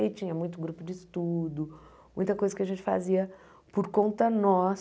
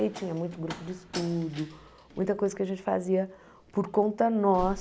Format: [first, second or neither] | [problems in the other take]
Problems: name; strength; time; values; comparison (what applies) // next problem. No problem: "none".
first | background sound (Slam); 16 dB below the speech